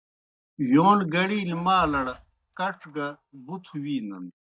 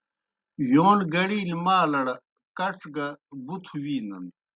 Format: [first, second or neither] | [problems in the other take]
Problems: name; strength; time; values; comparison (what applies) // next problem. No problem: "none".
second | noise reduction (neural mask model DeepFilterNet 3)